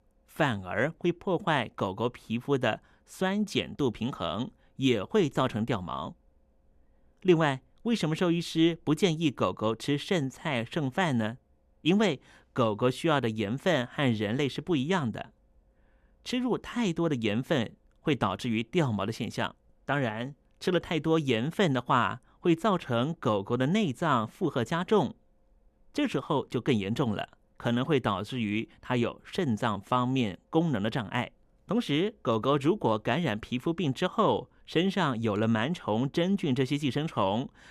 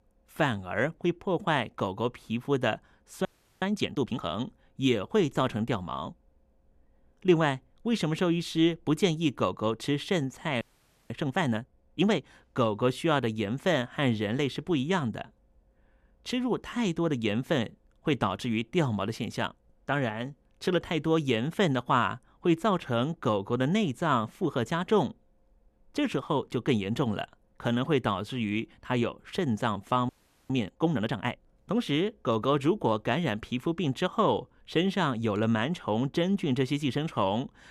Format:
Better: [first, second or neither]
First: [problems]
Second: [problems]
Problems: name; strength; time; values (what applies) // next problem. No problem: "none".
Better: first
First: none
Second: audio freezing; at 3.5 s, at 11 s and at 30 s